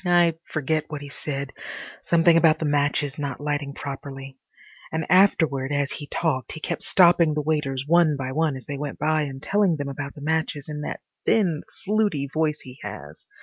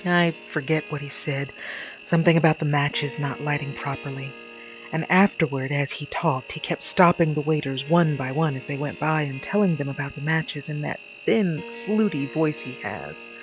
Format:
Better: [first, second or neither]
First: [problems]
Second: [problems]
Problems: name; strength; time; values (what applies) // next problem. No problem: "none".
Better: first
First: none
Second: background sound (Engine + Harp); 17 dB below the speech